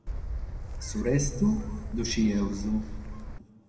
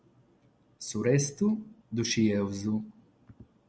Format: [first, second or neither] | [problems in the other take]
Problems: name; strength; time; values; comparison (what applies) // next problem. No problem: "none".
second | background sound (Gull, seagull / Wind); 5 dB below the speech // room echo; dies away in 1.5 s